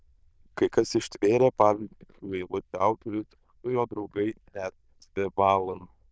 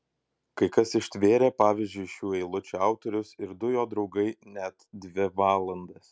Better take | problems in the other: second | noise reduction (neural diffusion model UNIVERSE++)

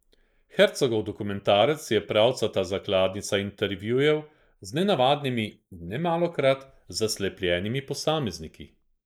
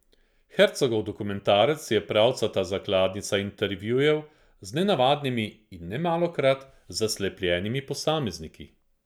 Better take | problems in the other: second | noise reduction (neural mask model Resemble Enhance denoiser)

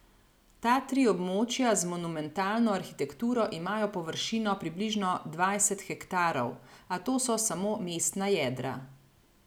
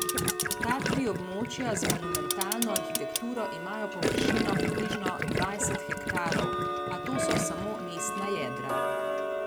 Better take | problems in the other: first | background sound (Gurgling + Tick-tock); 5 dB above the speech

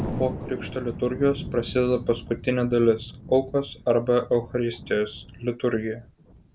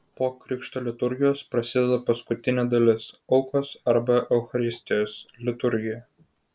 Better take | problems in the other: second | background sound (Thunder); 12 dB below the speech

